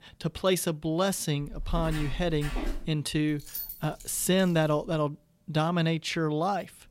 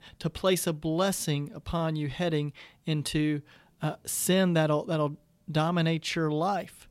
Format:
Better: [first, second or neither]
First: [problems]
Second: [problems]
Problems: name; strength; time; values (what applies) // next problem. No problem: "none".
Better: second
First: footsteps; noticeable; from 1.5 to 3 s; peak 7 dB below the speech // jangling keys; noticeable; from 3.5 to 5 s; peak 7 dB below the speech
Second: none